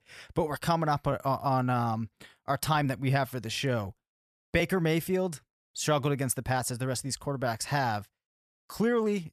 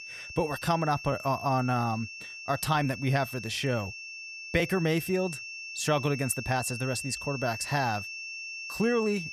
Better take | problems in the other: first | high-pitched whine; loud; throughout; 2.5 kHz, 9 dB below the speech

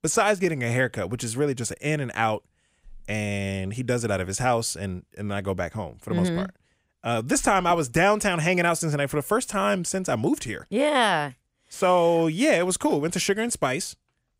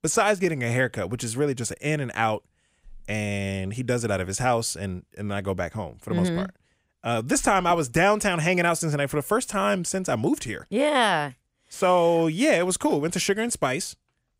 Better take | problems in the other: neither | none

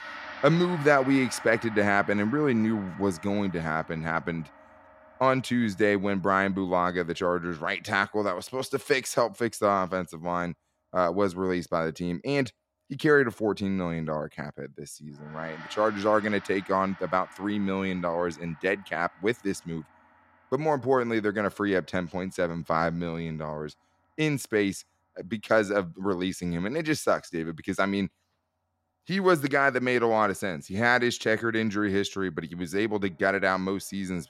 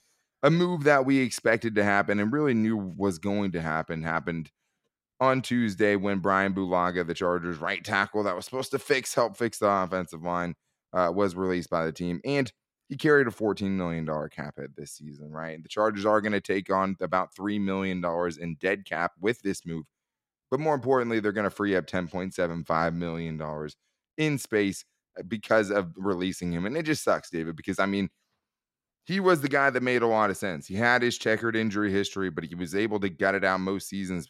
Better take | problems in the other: second | background music; noticeable; throughout; 20 dB below the speech

